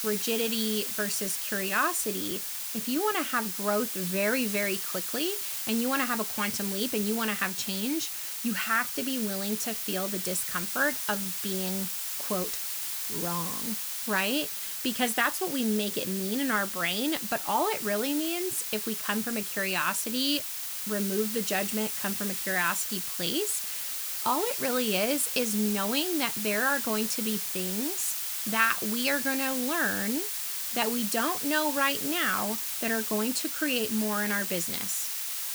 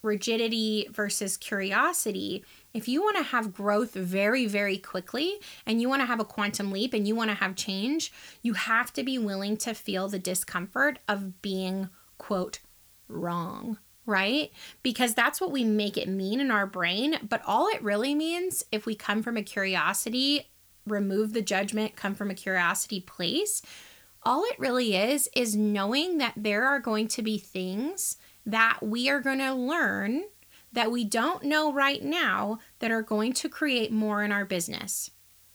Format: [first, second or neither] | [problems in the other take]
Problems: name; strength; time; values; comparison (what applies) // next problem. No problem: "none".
second | hiss; loud; throughout; 1 dB below the speech; faint in the second